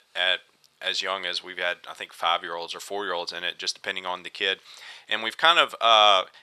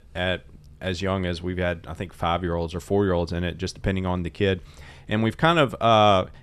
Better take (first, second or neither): second